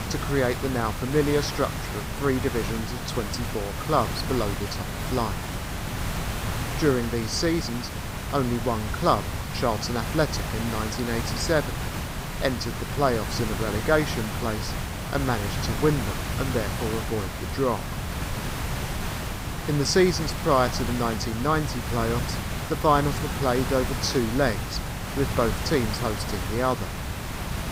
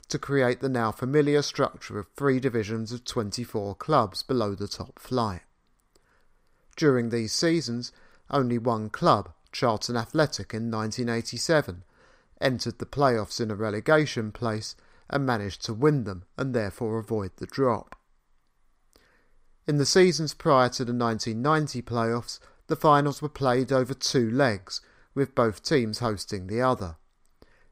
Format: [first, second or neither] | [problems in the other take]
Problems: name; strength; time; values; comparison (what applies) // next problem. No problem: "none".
second | hiss; loud; throughout; 4 dB below the speech